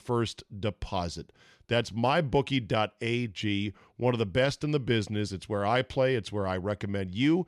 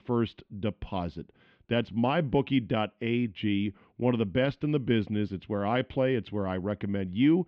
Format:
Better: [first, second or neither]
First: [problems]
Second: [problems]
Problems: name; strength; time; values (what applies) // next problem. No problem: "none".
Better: first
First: none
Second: muffled; very; fading above 3 kHz